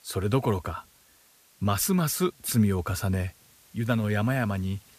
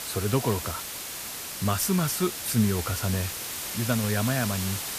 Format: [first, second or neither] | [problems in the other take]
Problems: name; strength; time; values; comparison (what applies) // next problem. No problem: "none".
first | hiss; loud; throughout; 5 dB below the speech; faint in the first